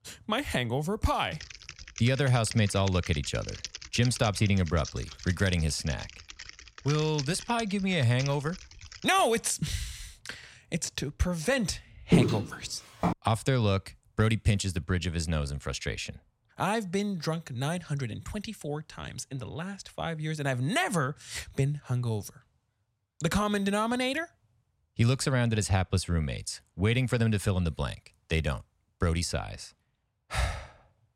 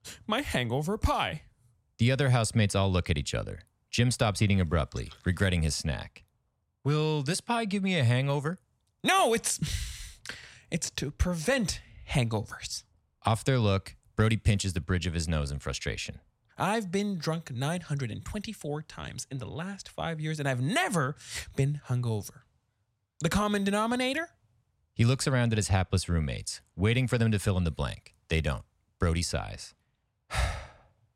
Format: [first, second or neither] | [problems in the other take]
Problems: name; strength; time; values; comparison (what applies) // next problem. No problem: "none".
second | keyboard typing; noticeable; from 1.5 to 9 s; peak 8 dB below the speech // footsteps; loud; from 12 to 13 s; peak 4 dB above the speech